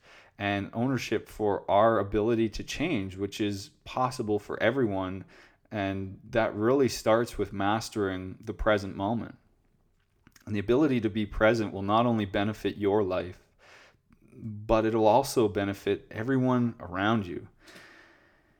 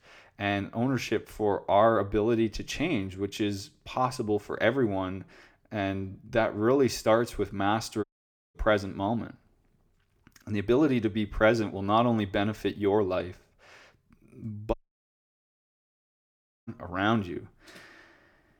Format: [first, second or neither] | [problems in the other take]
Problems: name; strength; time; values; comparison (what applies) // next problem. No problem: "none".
first | audio cutting out; at 8 s for 0.5 s and at 15 s for 2 s